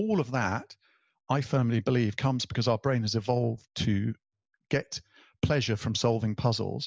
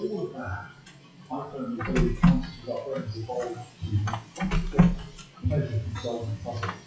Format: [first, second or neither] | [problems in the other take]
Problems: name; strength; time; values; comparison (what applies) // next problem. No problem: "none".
first | noise reduction (classical method WPE with log-MMSE)